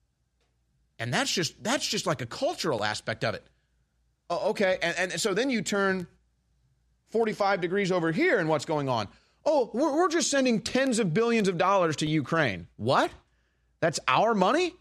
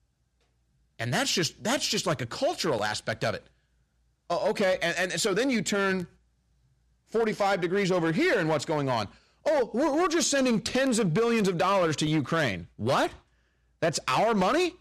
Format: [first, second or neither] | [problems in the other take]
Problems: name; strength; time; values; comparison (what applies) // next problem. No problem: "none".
first | distortion; slight; 8% of the sound clipped